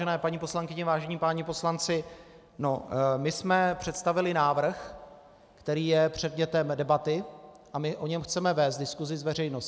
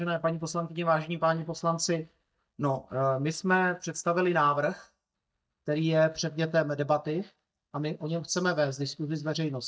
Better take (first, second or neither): first